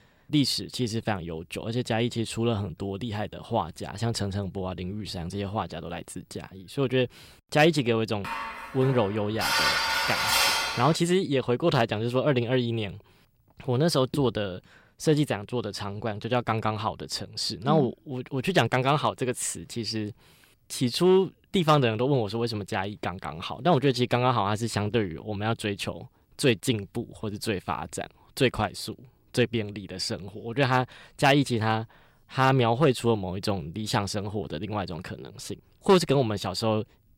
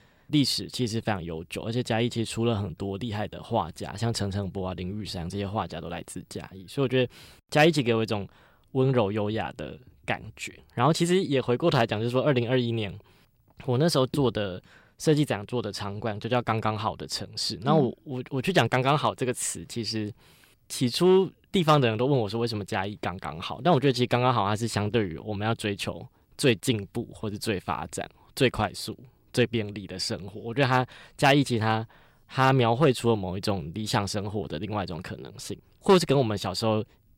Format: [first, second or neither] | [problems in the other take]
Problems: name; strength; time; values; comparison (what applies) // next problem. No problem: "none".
second | clattering dishes; loud; from 8 to 11 s; peak 6 dB above the speech